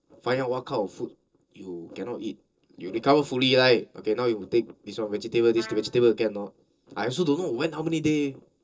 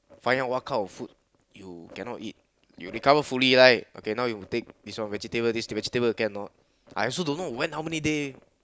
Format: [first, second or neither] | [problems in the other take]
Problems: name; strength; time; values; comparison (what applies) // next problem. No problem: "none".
second | noise reduction (neural separator model SepFormer DNS4)